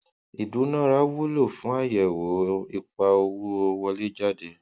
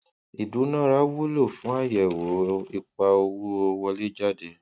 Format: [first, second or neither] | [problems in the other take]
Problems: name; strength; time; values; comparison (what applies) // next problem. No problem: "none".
first | noise reduction (neural mask model RNNoise)